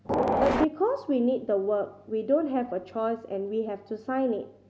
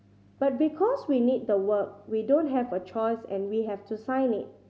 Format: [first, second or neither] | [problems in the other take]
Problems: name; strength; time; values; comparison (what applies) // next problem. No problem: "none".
second | background sound (Train); 3 dB above the speech